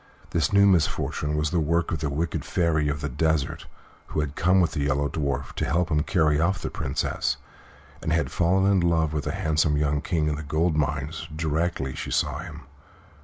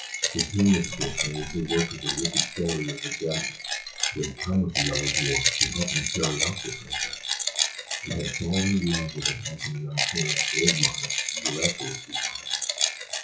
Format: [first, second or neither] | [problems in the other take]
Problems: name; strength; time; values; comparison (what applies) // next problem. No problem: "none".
first | noise reduction (classical method WPE with log-MMSE)